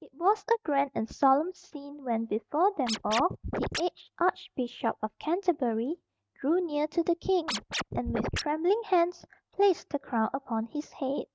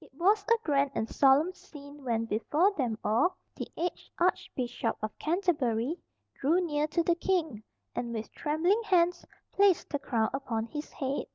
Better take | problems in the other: second | noise reduction (neural mask model RNNoise)

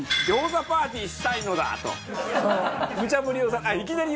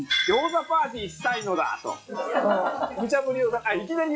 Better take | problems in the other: first | noise reduction (classical method log-MMSE)

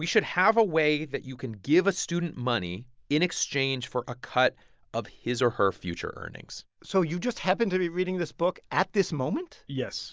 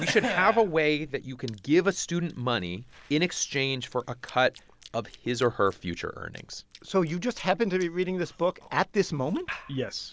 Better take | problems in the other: first | background sound (Chewing, mastication / Cough); 14 dB below the speech

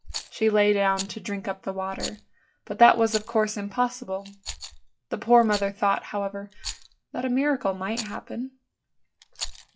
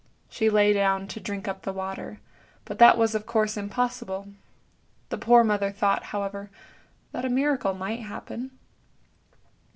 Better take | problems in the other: second | noise reduction (classical method log-MMSE)

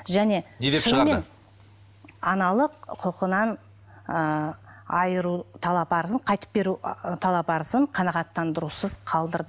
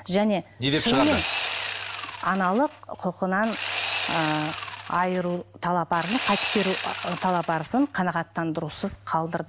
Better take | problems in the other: first | background sound (Sawing); 6 dB below the speech

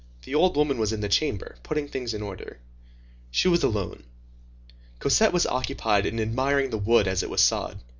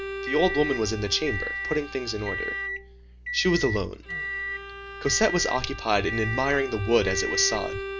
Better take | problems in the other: first | background sound (Microwave oven + Bowed string instrument); 6 dB below the speech

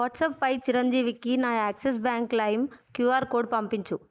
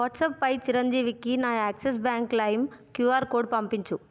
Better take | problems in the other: second | noise reduction (neural mask model Resemble Enhance denoiser)

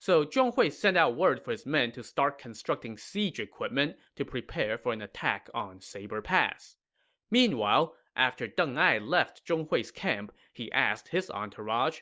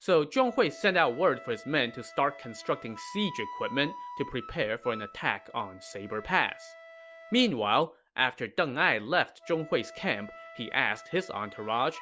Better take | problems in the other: first | background sound (Wind instrument, woodwind instrument); 17 dB below the speech

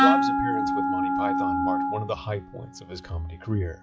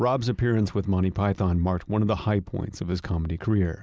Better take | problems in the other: second | noise reduction (classical method log-MMSE)

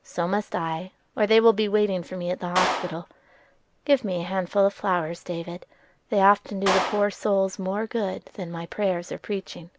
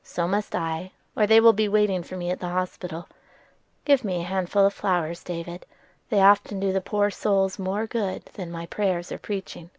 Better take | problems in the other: second | background sound (Clapping); 7 dB below the speech

